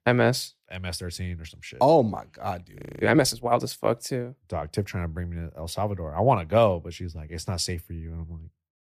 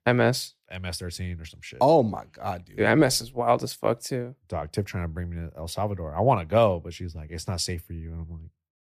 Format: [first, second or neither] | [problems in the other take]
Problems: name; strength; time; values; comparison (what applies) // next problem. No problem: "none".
second | audio freezing; at 3 s